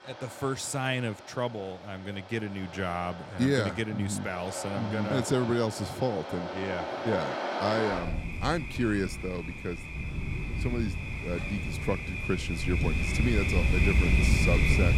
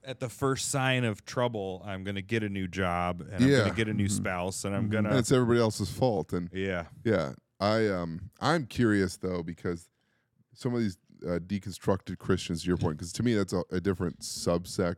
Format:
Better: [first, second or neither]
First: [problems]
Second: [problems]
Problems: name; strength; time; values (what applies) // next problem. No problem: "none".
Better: second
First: rain or running water; very loud; throughout; 1 dB above the speech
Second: none